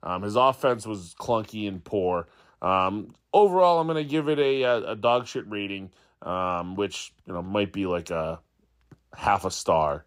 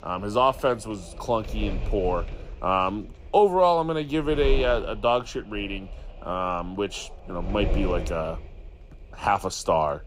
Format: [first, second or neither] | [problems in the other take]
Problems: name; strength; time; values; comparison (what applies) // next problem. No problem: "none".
first | wind noise on the microphone; occasional gusts; 15 dB below the speech